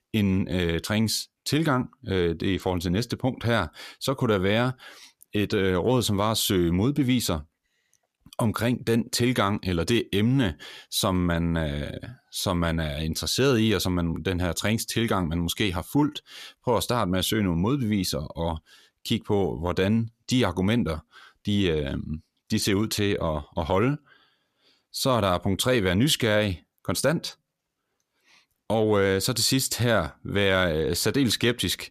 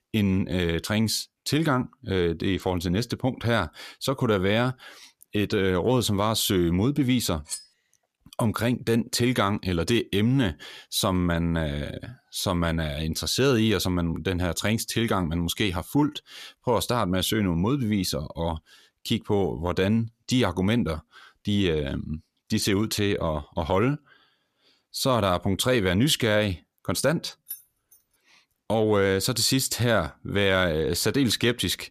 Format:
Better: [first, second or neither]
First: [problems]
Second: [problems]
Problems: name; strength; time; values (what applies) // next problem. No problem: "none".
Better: first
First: none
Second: clattering dishes; faint; at 7.5 s; peak 10 dB below the speech // jangling keys; faint; at 27 s; peak 15 dB below the speech